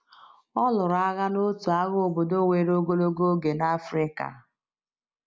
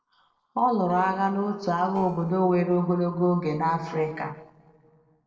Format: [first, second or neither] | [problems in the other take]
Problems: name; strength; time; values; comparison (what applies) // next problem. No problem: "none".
first | noise reduction (neural separator model SepFormer DNS4)